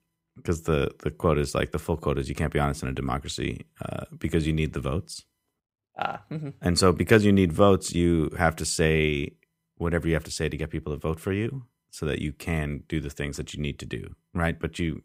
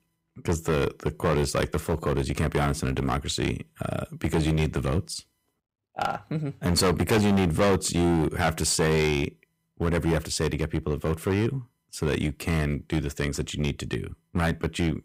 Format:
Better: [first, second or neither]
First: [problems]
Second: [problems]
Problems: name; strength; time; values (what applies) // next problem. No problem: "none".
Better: first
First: none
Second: distortion; heavy; 9% of the sound clipped